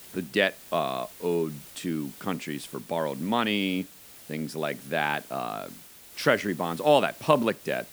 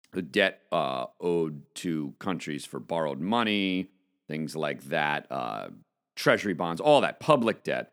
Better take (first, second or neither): second